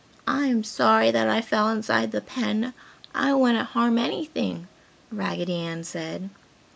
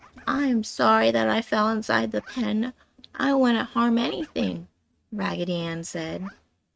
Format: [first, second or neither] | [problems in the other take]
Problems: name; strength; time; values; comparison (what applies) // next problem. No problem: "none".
first | noise reduction (neural mask model RNNoise)